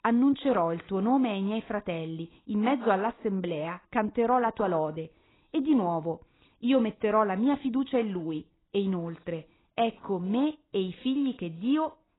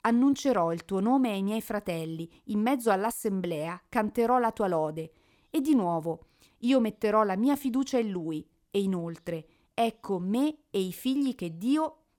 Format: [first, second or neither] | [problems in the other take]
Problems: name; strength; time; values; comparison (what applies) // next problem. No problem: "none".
second | garbled, watery; badly; nothing above 4 kHz